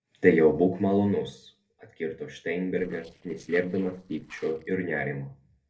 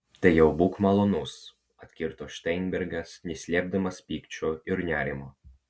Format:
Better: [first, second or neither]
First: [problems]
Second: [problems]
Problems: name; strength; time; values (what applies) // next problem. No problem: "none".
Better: second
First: noise reduction (neural separator model SepFormer DNS4)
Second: none